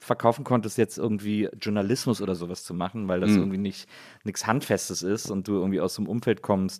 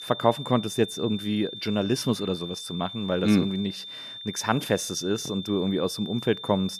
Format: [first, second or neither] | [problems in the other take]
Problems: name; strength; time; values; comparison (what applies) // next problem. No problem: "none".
first | high-pitched whine; loud; throughout; 3.5 kHz, 10 dB below the speech